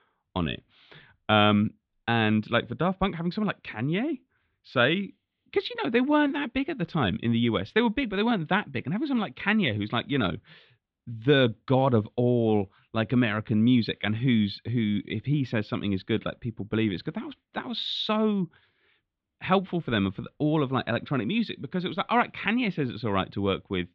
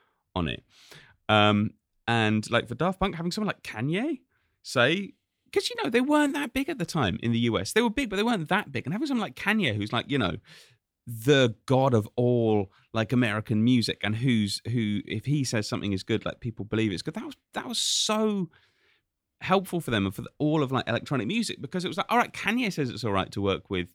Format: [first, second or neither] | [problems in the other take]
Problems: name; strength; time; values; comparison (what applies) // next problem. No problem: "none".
second | muffled; slightly; fading above 3.5 kHz